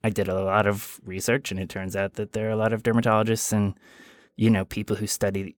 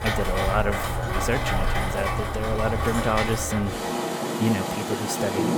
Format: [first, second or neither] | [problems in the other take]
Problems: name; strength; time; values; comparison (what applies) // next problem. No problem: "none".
first | rain or running water; very loud; throughout; 1 dB above the speech